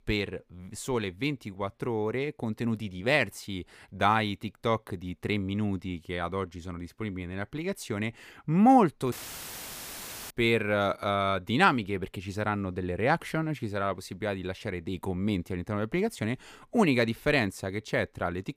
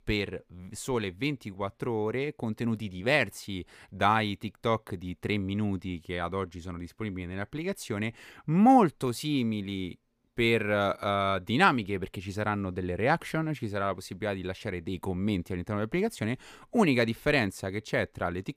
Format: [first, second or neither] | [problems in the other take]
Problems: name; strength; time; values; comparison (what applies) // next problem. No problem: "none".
second | audio cutting out; filled with static; at 9 s for 1 s